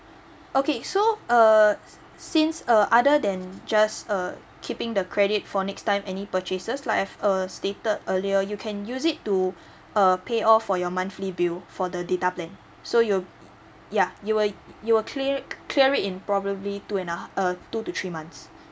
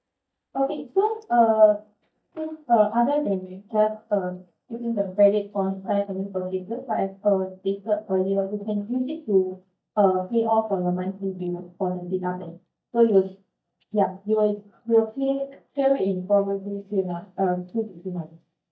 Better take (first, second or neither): first